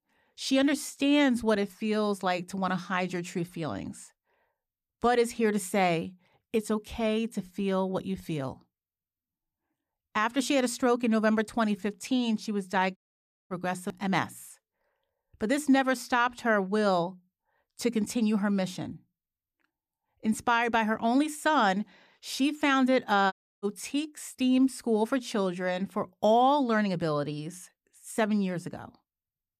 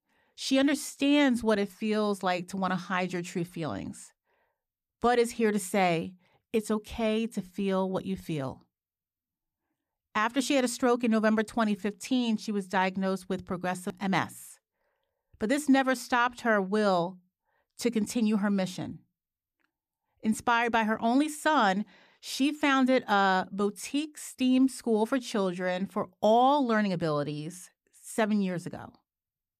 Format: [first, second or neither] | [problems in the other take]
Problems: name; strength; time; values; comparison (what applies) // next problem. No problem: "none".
second | audio cutting out; at 13 s for 0.5 s and at 23 s